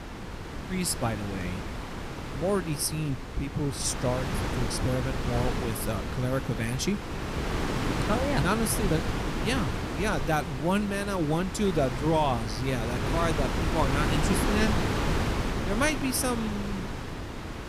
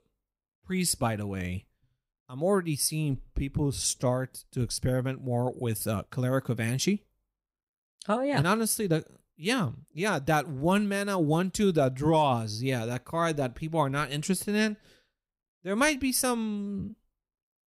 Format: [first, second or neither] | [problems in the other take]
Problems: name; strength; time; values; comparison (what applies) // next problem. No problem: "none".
second | wind noise on the microphone; heavy; 3 dB below the speech